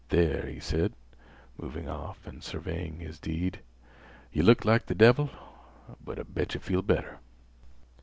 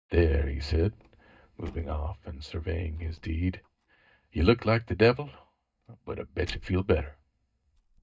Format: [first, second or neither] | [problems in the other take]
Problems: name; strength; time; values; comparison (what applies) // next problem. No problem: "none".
first | noise reduction (neural mask model DeepFilterNet 3)